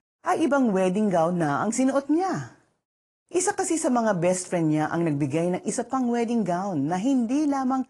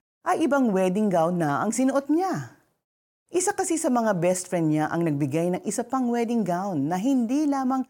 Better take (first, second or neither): second